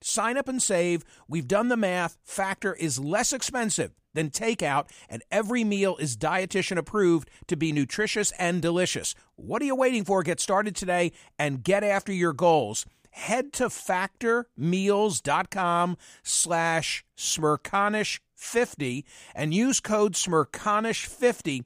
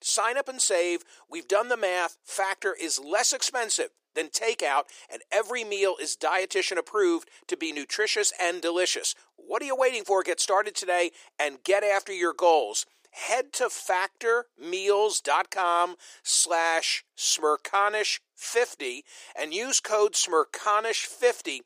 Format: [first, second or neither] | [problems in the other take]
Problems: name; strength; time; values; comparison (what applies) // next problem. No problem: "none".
first | thin; very; fading below 350 Hz